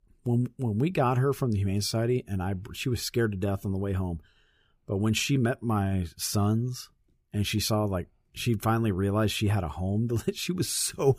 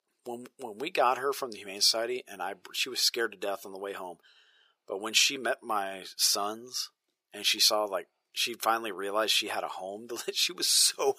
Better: first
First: none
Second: thin; very; fading below 500 Hz

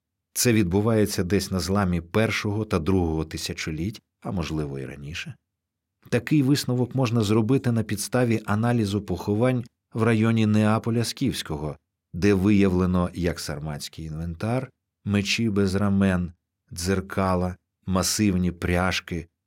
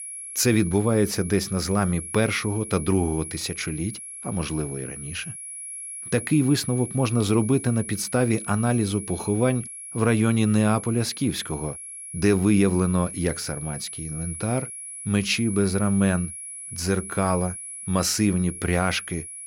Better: first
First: none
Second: high-pitched whine; loud; throughout; 10.5 kHz, 10 dB below the speech

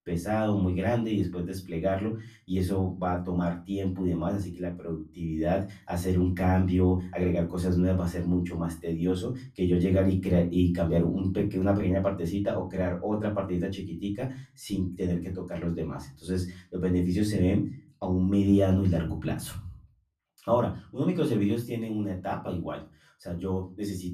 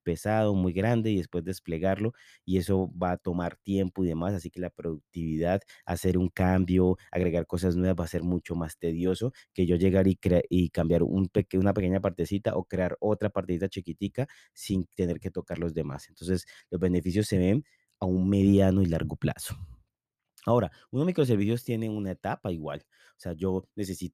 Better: second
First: off-mic speech; far // room echo; very slight; dies away in 0.3 s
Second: none

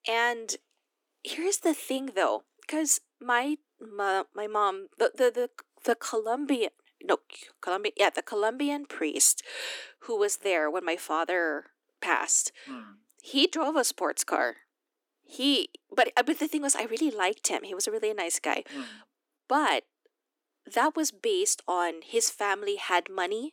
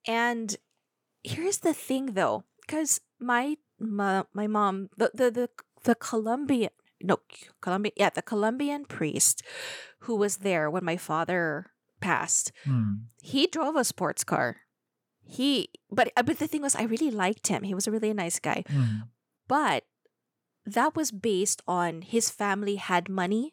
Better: second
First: thin; very slightly; fading below 300 Hz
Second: none

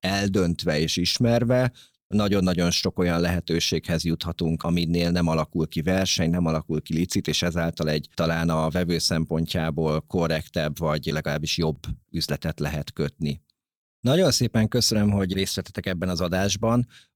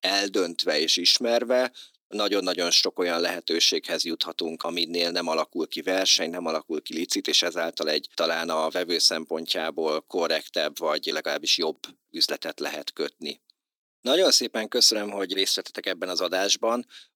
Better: first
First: none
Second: thin; somewhat; fading below 300 Hz

